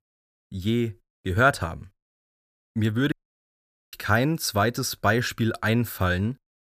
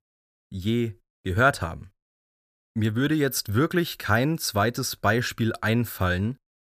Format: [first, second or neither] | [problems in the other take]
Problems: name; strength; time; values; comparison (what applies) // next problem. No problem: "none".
second | audio cutting out; at 3 s for 1 s